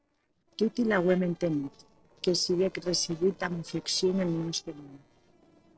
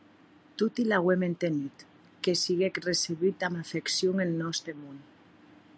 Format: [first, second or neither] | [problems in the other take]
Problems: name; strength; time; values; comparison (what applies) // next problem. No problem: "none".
second | noise reduction (neural separator model SepFormer DNS4)